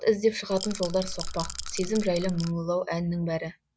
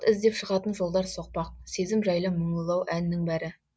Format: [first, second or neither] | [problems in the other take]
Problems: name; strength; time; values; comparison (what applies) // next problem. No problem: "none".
second | background sound (Rattle / Rattle (instrument)); 7 dB below the speech